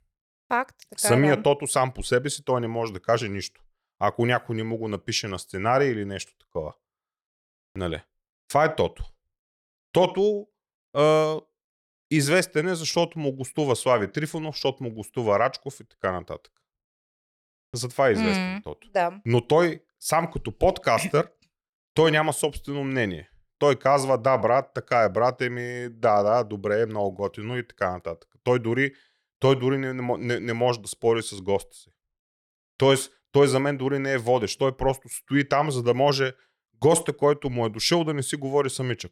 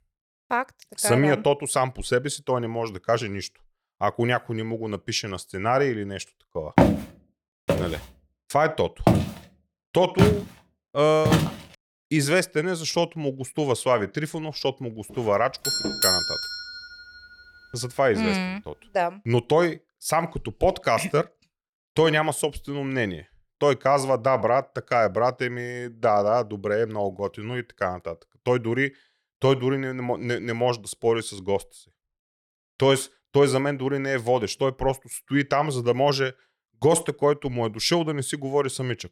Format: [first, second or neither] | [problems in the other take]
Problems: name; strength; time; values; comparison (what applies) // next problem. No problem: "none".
first | footsteps; loud; from 7 to 11 s; peak 5 dB above the speech // doorbell; loud; from 16 to 17 s; peak 4 dB above the speech